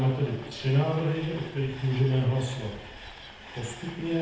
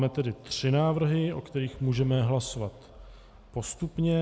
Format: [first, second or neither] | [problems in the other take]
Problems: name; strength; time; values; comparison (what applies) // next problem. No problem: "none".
second | background sound (Train); 16 dB below the speech // room echo; dies away in 0.8 s